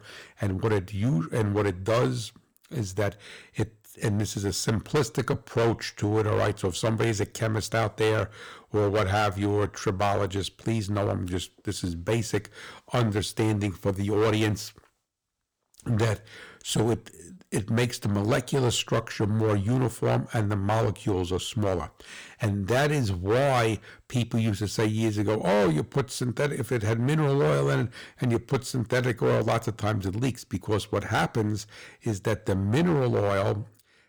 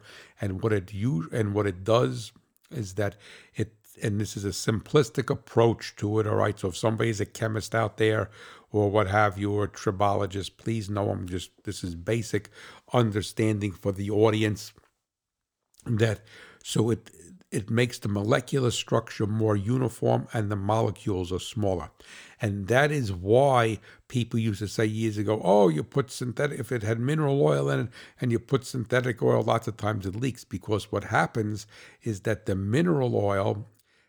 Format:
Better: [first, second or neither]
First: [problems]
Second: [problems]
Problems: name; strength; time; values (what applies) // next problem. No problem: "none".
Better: second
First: distortion; heavy; 9% of the sound clipped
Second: none